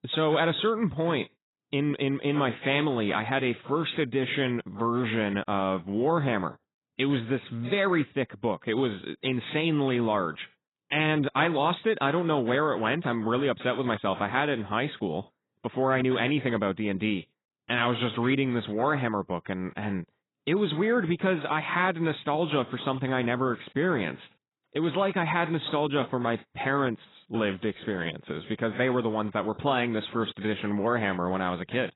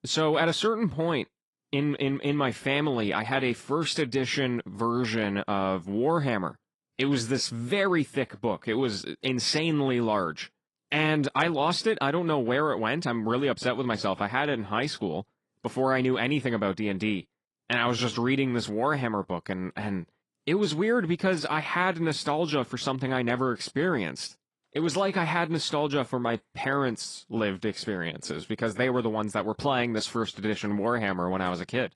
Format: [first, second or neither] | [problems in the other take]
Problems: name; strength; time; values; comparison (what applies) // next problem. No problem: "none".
second | garbled, watery; badly; nothing above 4 kHz; slightly in the second